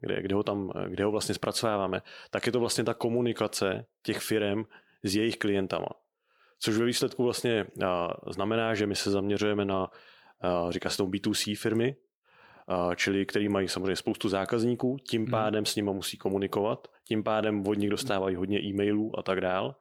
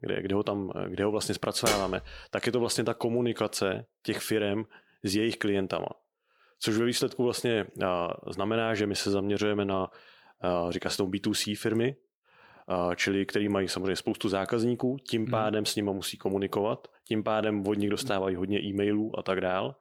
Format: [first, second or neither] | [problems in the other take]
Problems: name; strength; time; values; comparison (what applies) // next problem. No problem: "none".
first | clattering dishes; noticeable; at 1.5 s; peak level with the speech